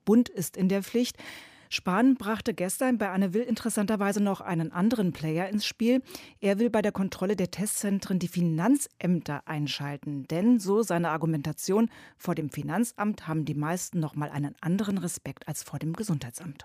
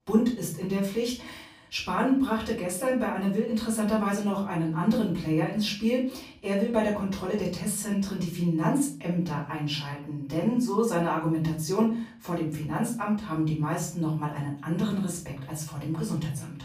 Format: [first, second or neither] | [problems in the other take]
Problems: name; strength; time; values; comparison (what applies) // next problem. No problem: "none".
first | off-mic speech; far // room echo; slight; dies away in 0.4 s